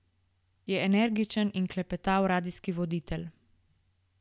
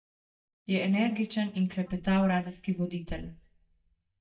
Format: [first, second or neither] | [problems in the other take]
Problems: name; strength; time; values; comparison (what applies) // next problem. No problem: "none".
first | noise reduction (neural mask model DeepFilterNet 3)